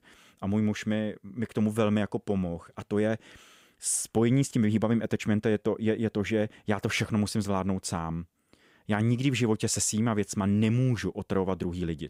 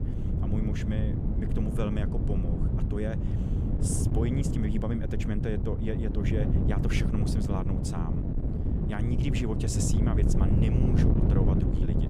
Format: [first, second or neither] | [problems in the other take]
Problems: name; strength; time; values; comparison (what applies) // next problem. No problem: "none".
first | wind noise on the microphone; heavy; as loud as the speech